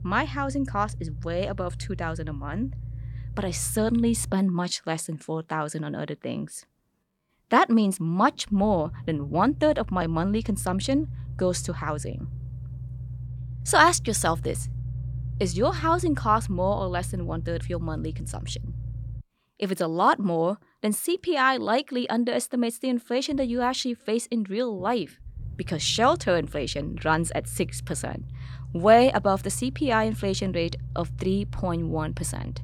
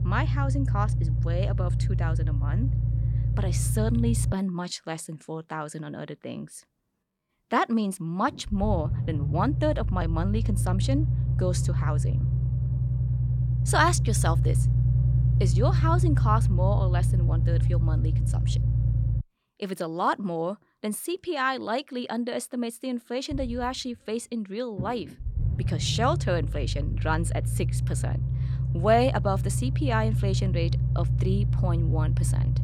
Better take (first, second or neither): first